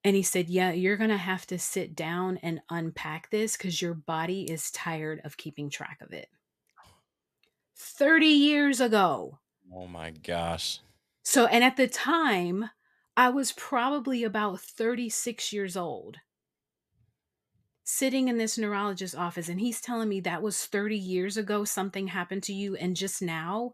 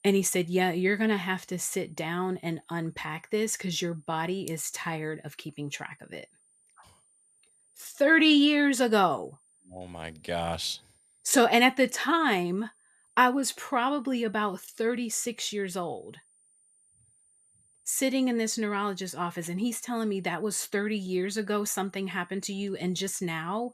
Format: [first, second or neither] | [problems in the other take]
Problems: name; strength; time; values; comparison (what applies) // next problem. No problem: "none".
first | high-pitched whine; faint; throughout; 9 kHz, 35 dB below the speech